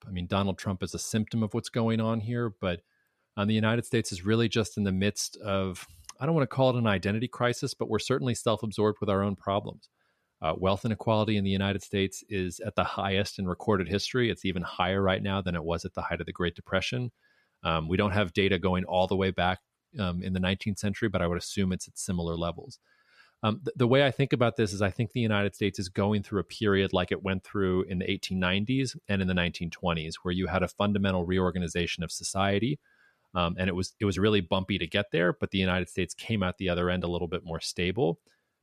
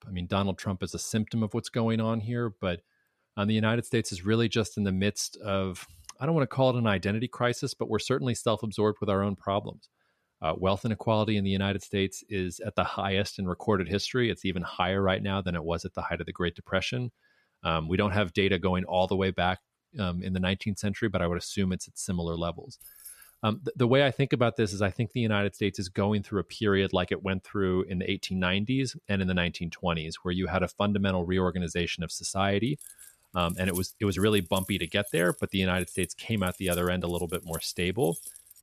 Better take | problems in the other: first | jangling keys; faint; at 23 s; peak 15 dB below the speech // jangling keys; noticeable; from 33 s on; peak 9 dB below the speech

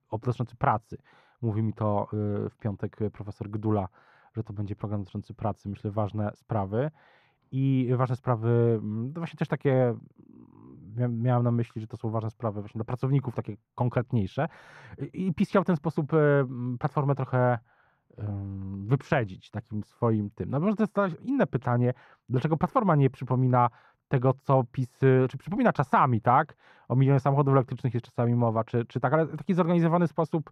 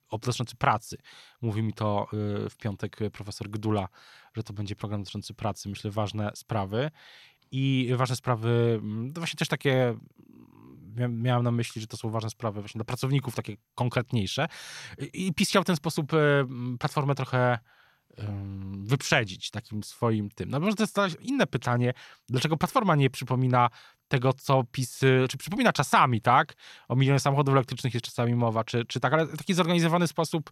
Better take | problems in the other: second | muffled; very; fading above 2.5 kHz

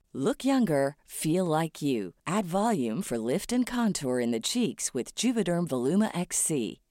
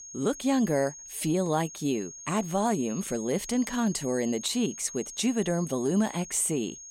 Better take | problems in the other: first | high-pitched whine; noticeable; throughout; 6.5 kHz, 15 dB below the speech

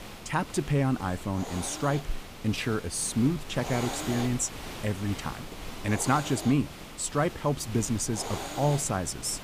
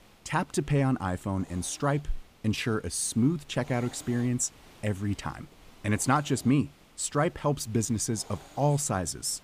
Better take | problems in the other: second | hiss; loud; throughout; 10 dB below the speech; faint in the second

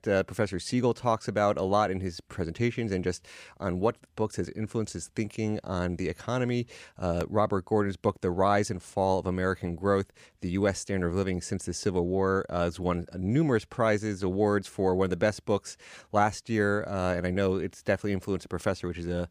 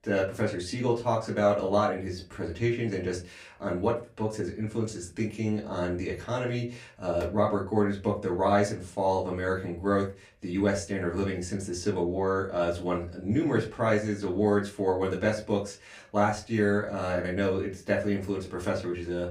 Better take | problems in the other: first | off-mic speech; far // room echo; very slight; dies away in 0.3 s

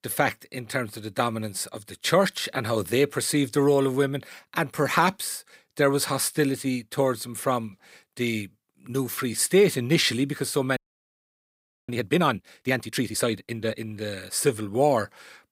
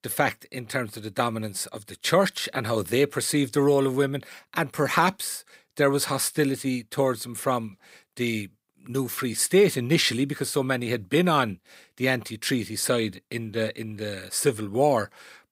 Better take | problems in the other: second | audio freezing; at 11 s for 1 s

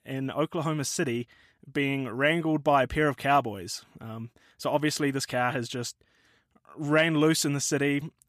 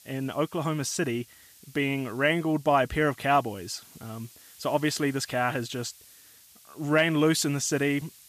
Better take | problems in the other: first | hiss; faint; throughout; 25 dB below the speech

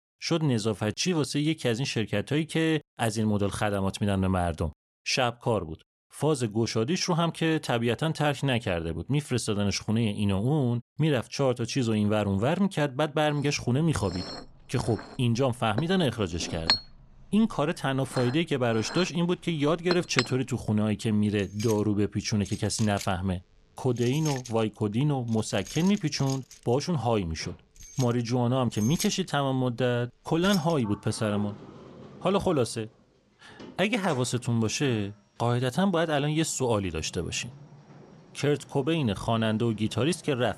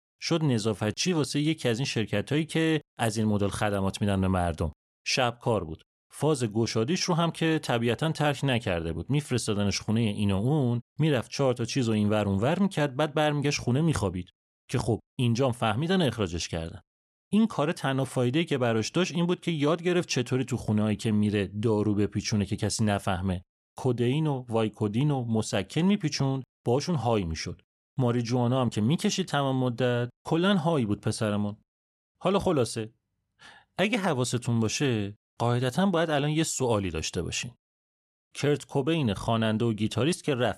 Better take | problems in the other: second | household noises; noticeable; from 14 s on; 10 dB below the speech

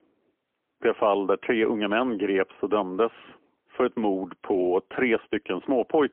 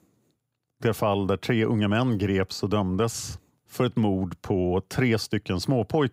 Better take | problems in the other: second | phone-call audio; poor line; nothing above 3 kHz

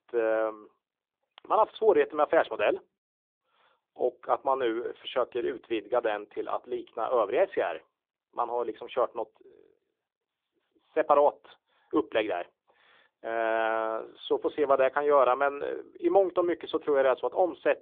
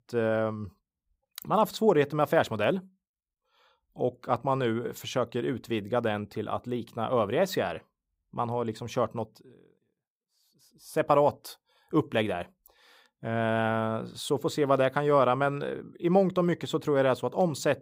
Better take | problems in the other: second | phone-call audio; nothing above 3.5 kHz

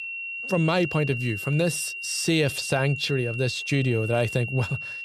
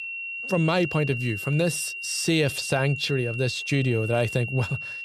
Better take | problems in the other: neither | high-pitched whine; loud; throughout; 3 kHz, 6 dB below the speech; the same in both

